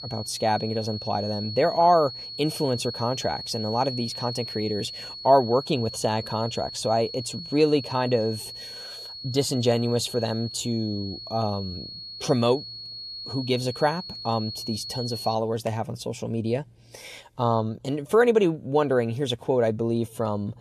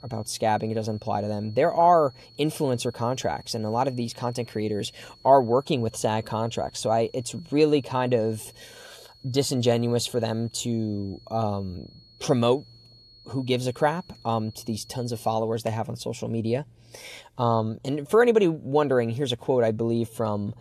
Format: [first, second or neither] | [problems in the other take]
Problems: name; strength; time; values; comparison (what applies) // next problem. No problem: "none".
second | high-pitched whine; loud; until 15 s; 4.5 kHz, 9 dB below the speech; faint in the second